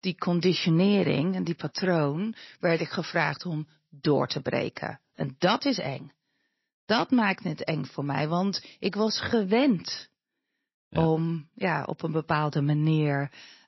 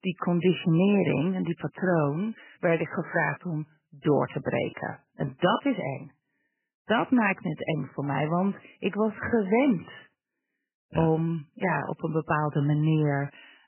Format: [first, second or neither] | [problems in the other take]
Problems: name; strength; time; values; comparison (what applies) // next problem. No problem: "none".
first | garbled, watery; badly; nothing above 3 kHz; slightly in the first